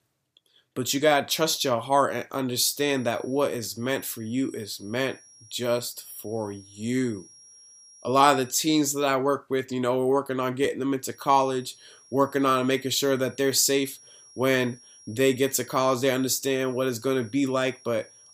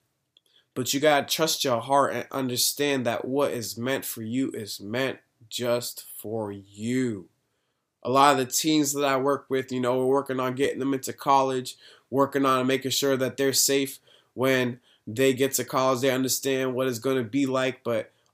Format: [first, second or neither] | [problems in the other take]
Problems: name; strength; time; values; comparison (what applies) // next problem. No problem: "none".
second | high-pitched whine; faint; from 2.5 to 9 s and from 11 s on; 5.5 kHz, 25 dB below the speech